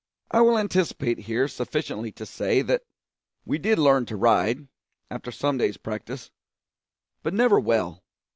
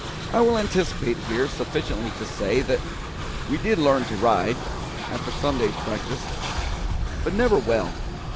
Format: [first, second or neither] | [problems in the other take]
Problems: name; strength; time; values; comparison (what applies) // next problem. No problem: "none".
first | background sound (Train); 4 dB below the speech